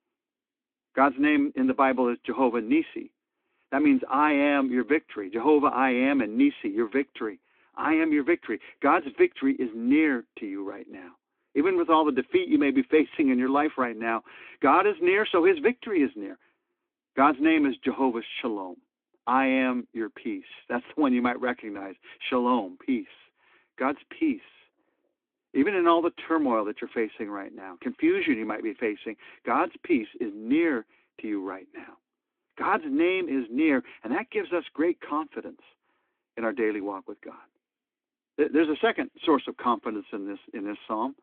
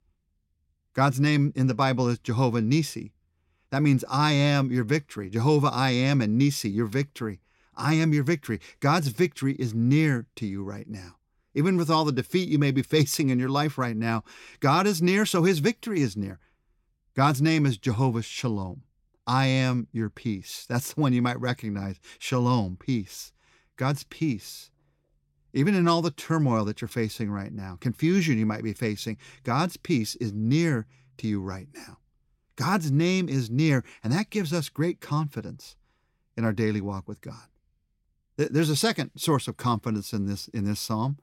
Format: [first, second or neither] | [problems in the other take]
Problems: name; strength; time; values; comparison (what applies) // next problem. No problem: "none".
second | phone-call audio; nothing above 3.5 kHz